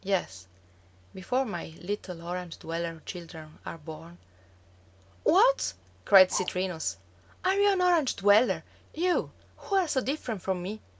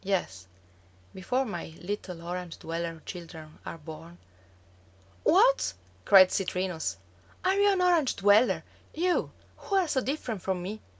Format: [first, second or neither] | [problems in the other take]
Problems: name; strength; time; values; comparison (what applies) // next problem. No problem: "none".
second | background sound (Bark); 17 dB below the speech